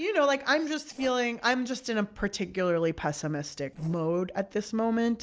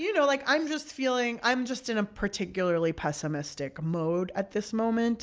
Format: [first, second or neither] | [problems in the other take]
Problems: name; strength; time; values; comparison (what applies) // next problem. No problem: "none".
second | noise reduction (neural separator model SepFormer DNS4)